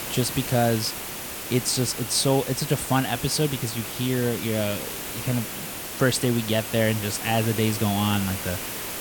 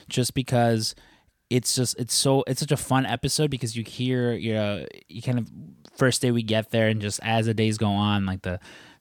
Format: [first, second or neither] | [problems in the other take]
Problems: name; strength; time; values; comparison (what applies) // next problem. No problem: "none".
second | hiss; loud; throughout; 6 dB below the speech